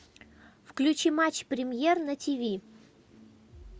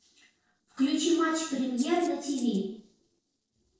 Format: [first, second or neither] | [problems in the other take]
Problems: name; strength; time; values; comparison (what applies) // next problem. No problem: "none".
first | noise reduction (neural separator model SepFormer DNS4)